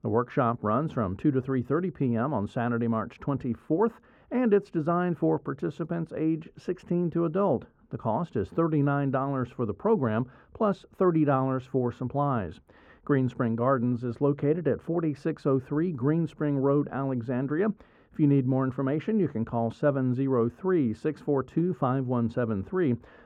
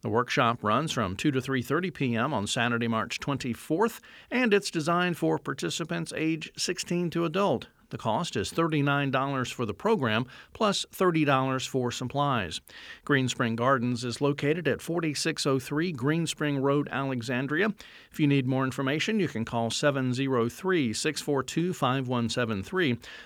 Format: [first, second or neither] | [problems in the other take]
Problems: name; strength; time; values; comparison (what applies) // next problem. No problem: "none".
second | muffled; very; fading above 2 kHz